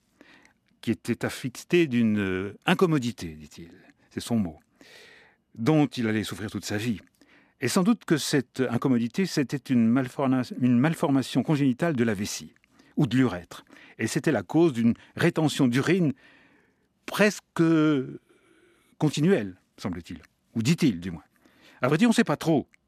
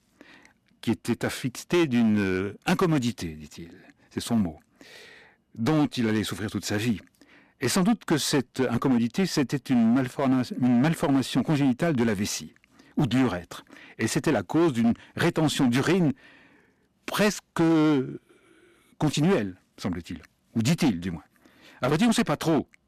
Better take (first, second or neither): first